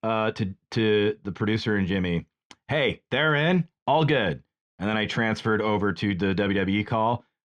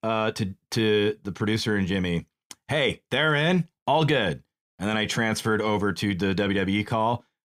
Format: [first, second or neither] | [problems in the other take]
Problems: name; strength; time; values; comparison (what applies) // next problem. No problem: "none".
second | muffled; very slightly; fading above 3.5 kHz